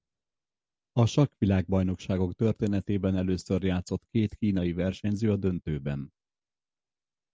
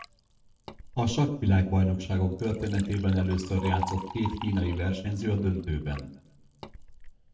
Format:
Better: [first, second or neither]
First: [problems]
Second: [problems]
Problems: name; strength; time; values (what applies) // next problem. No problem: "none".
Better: first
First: none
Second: background sound (Liquid); 15 dB below the speech // room echo; dies away in 0.5 s